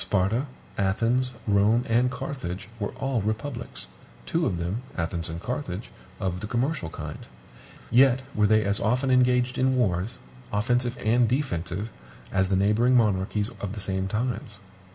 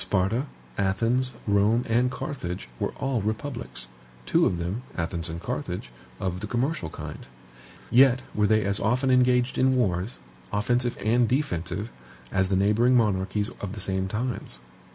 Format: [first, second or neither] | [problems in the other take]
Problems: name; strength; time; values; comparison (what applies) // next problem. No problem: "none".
second | room echo; dies away in 1 s